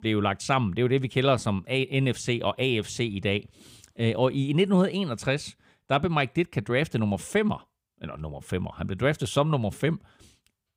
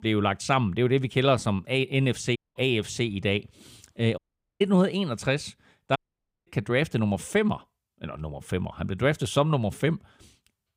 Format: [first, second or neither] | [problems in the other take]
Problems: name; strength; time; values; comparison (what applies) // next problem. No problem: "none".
first | audio cutting out; at 2.5 s, at 4 s and at 6 s for 0.5 s